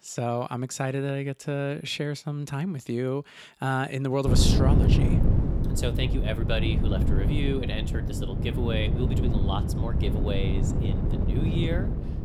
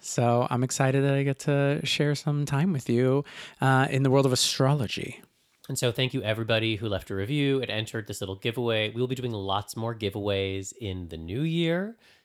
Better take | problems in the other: second | wind noise on the microphone; heavy; from 4.5 s on; 4 dB below the speech

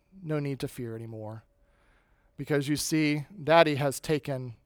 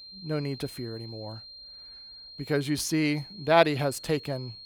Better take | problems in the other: first | high-pitched whine; noticeable; throughout; 4 kHz, 15 dB below the speech

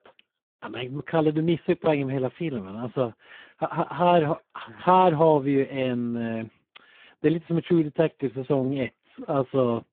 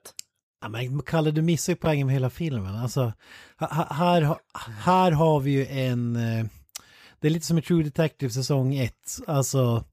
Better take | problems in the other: second | phone-call audio; poor line

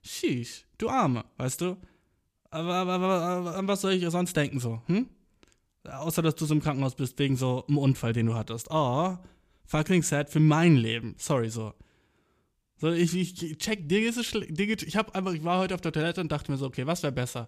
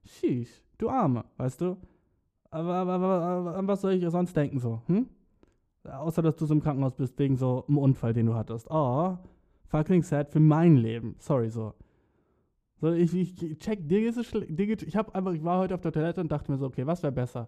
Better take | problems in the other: first | muffled; very; fading above 1.5 kHz

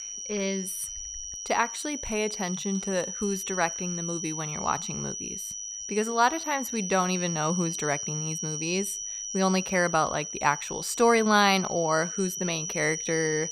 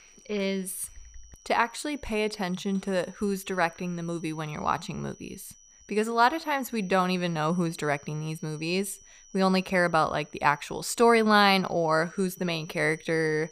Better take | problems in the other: second | high-pitched whine; loud; throughout; 6 kHz, 5 dB below the speech; faint in the second

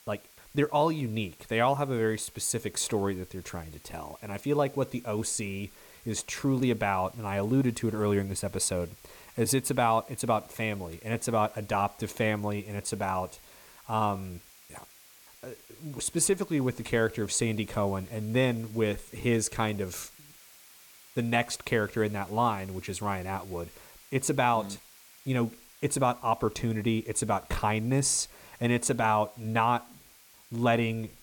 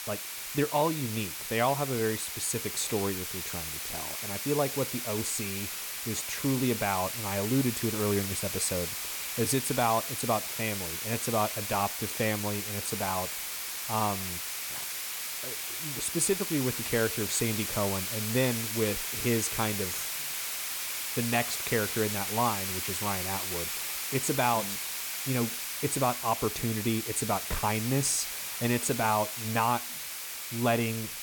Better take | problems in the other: first | hiss; loud; throughout; 2 dB below the speech; faint in the first

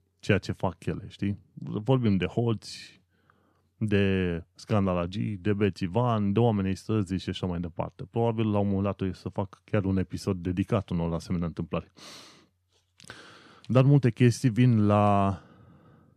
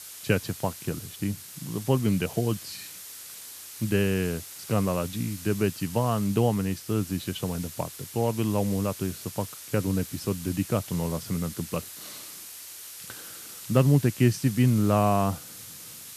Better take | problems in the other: first | hiss; noticeable; throughout; 10 dB below the speech

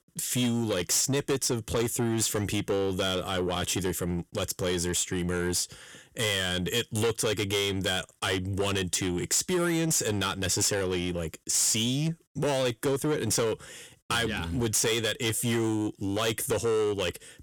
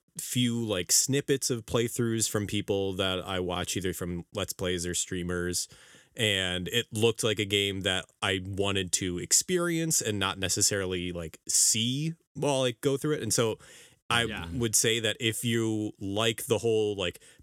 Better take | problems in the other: second | distortion; heavy; 7 dB below the speech

